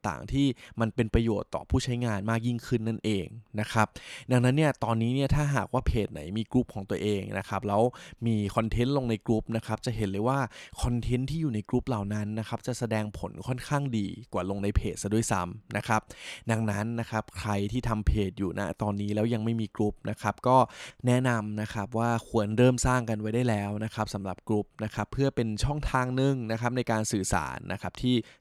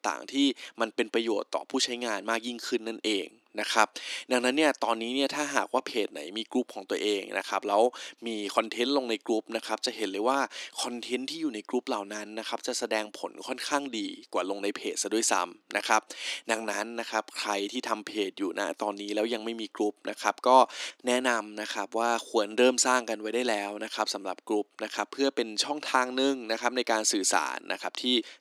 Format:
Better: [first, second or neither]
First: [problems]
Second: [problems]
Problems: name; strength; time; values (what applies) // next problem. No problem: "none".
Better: first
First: none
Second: thin; somewhat; fading below 300 Hz